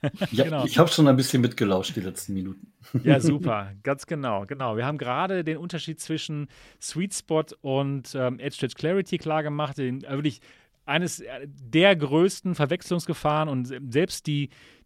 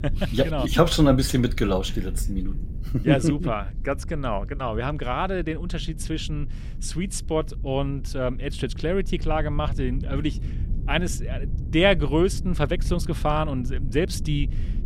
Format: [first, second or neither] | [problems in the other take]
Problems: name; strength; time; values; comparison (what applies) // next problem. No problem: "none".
first | low rumble; faint; throughout; 20 dB below the speech